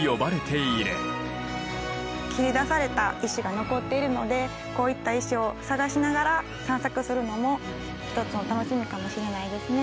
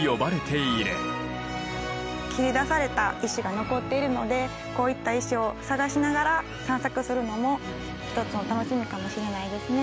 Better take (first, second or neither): second